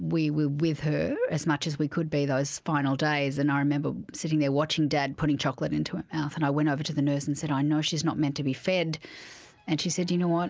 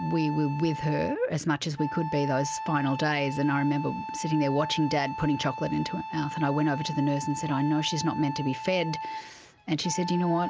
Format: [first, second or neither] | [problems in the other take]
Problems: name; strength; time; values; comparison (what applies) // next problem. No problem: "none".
first | background sound (Wind instrument, woodwind instrument); 8 dB below the speech